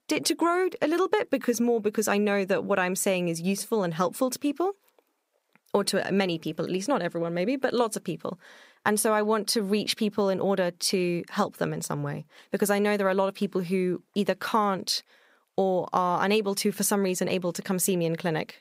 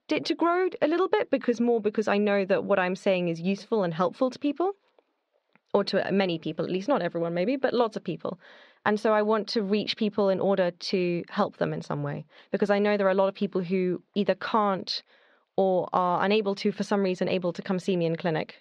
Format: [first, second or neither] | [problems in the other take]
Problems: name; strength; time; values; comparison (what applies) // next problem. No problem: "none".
first | muffled; very slightly; fading above 4 kHz